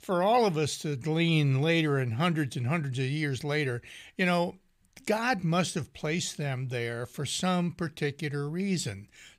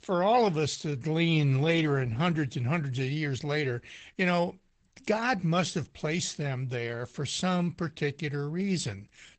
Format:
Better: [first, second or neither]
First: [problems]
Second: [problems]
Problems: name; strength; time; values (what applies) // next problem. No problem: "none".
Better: first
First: none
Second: garbled, watery; badly; nothing above 8 kHz